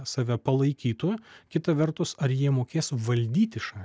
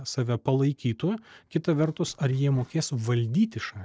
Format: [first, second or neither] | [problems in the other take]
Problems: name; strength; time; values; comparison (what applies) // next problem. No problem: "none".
first | noise reduction (neural separator model SepFormer DNS4)